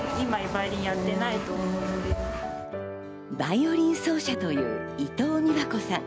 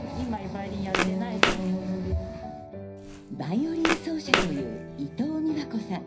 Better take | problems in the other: first | background sound (Walk, footsteps); 1 dB below the speech // room echo; dies away in 0.5 s

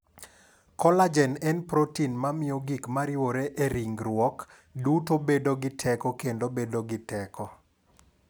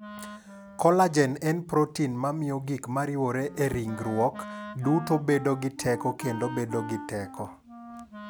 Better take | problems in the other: first | background sound (Wind instrument, woodwind instrument); 14 dB below the speech

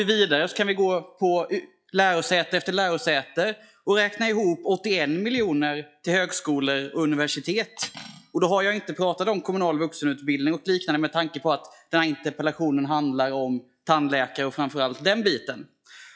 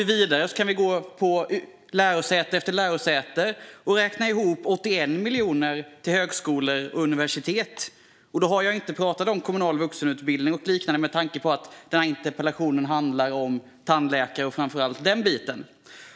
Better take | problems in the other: second | noise reduction (classical method log-MMSE)

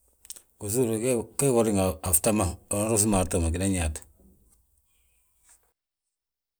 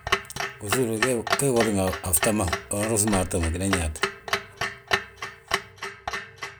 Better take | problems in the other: first | background sound (Clock); 3 dB below the speech

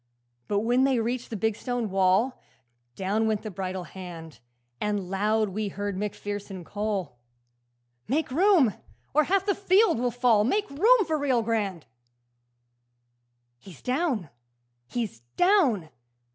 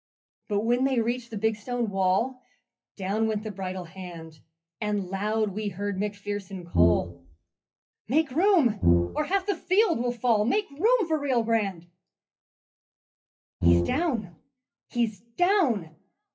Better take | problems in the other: first | noise reduction (classical method WPE with log-MMSE)

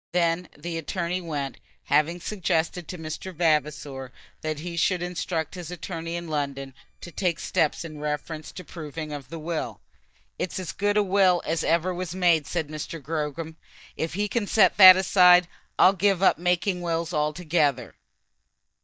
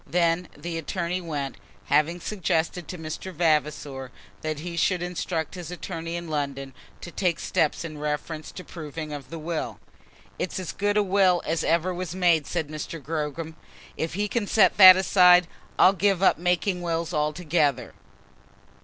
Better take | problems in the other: second | noise reduction (neural mask model DeepFilterNet 3)

